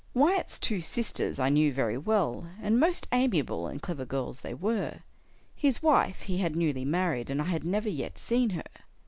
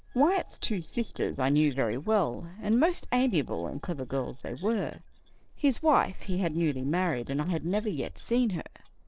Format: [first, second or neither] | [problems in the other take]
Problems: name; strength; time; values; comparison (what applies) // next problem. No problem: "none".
first | noise reduction (neural separator model SepFormer DNS4)